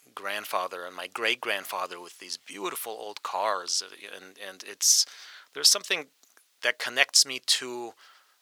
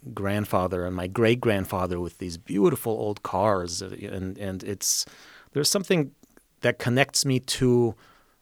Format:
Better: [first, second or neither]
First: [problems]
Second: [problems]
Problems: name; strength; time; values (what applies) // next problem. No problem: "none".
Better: second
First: thin; very; fading below 850 Hz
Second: none